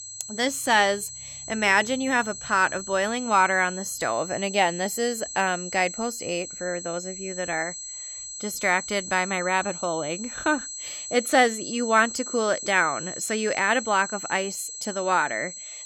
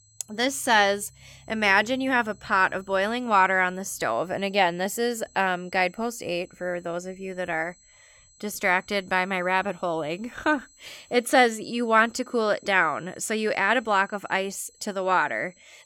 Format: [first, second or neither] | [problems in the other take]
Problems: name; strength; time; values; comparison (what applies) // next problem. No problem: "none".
second | high-pitched whine; loud; throughout; 7.5 kHz, 9 dB below the speech; faint in the second